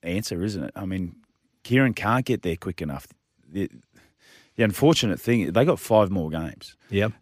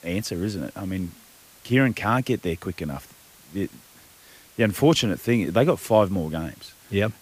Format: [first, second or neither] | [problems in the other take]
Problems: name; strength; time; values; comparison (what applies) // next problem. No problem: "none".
first | hiss; faint; throughout; 25 dB below the speech